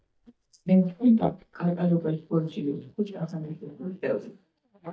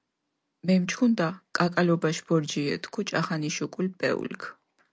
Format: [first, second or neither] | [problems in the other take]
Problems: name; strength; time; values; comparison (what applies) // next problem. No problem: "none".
second | noise reduction (neural mask model DeepFilterNet 3)